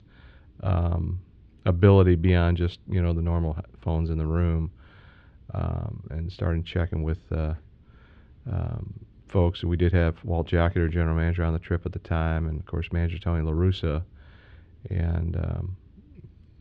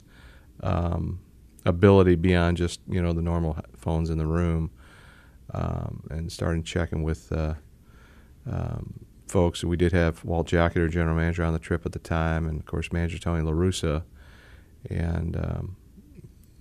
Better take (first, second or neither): second